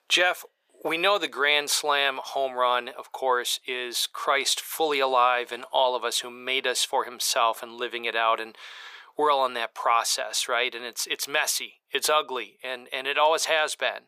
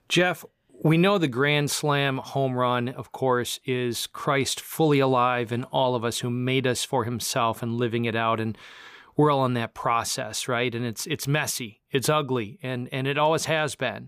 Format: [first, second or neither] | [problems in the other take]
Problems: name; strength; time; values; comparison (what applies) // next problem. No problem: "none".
second | thin; very; fading below 550 Hz